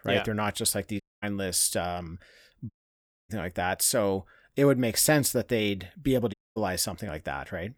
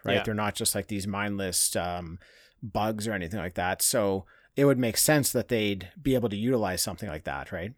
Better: second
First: audio cutting out; at 1 s, at 2.5 s for 0.5 s and at 6.5 s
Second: none

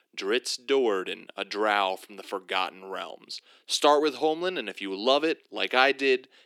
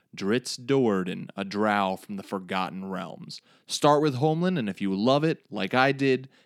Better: second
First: thin; somewhat; fading below 350 Hz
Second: none

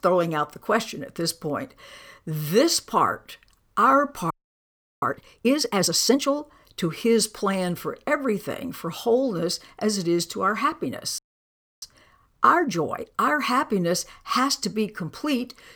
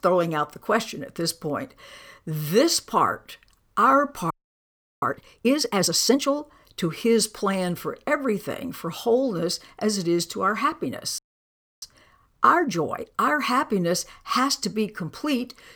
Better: neither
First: audio freezing; at 4.5 s for 0.5 s and at 11 s for 0.5 s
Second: audio freezing; at 4.5 s for 0.5 s and at 11 s for 0.5 s

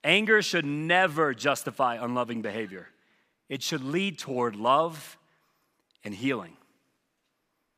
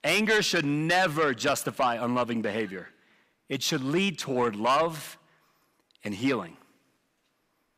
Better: first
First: none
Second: distortion; heavy; 7 dB below the speech

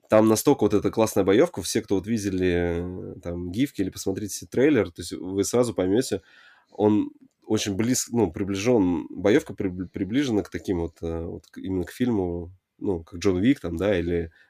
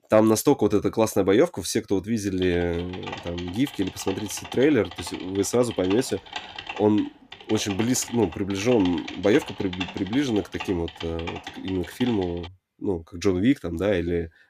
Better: first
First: none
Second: keyboard typing; noticeable; from 2.5 to 12 s; peak 9 dB below the speech

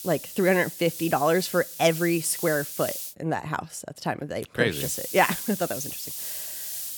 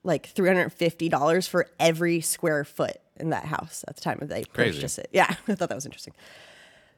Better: second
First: hiss; loud; until 3 s and from 4.5 s on; 7 dB below the speech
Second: none

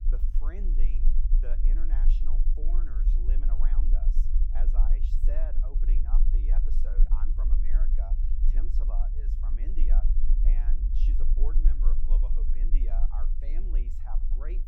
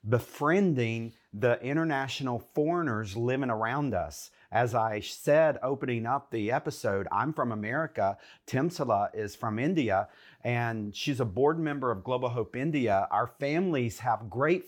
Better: second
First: low rumble; loud; throughout; 3 dB below the speech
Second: none

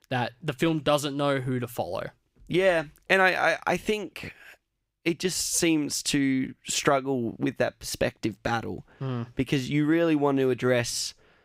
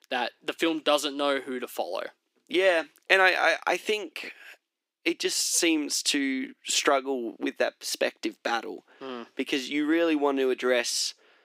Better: first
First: none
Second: thin; very slightly; fading below 300 Hz

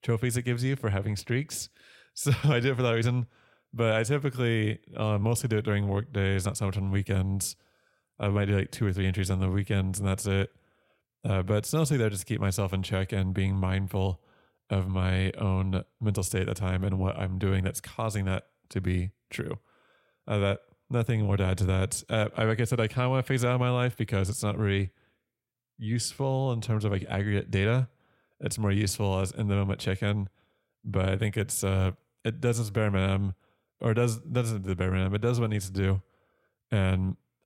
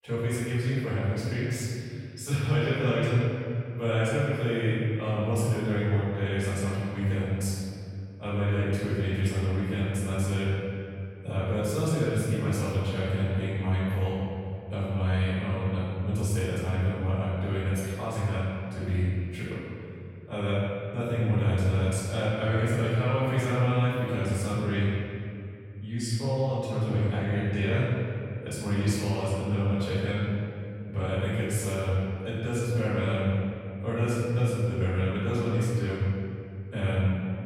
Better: first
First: none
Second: off-mic speech; far // room echo; strong; dies away in 2.3 s

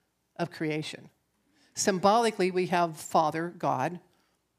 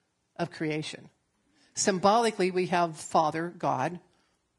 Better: first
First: none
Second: garbled, watery; slightly; nothing above 10.5 kHz

